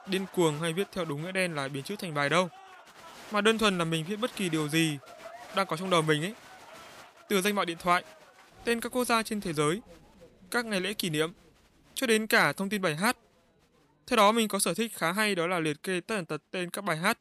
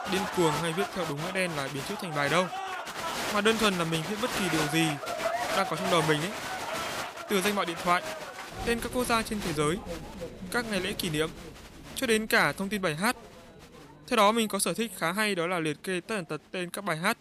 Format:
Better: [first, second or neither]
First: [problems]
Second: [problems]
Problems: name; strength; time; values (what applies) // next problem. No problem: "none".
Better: first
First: crowd noise; faint; throughout; 20 dB below the speech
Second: crowd noise; loud; throughout; 6 dB below the speech